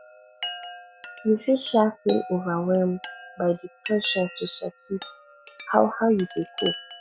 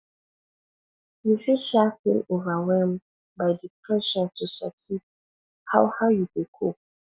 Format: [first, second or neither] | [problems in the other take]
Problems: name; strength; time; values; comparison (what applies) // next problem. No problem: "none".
second | background sound (Chime); 13 dB below the speech